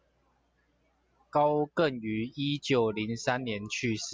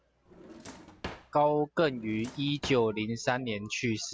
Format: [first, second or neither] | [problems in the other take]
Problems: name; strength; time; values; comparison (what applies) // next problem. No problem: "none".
first | background sound (Drawer open or close); 16 dB below the speech